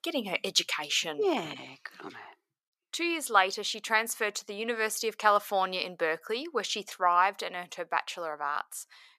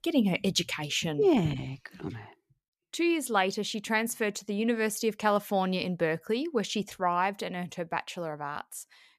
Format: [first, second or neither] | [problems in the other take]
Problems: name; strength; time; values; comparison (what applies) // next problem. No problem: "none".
second | thin; very; fading below 450 Hz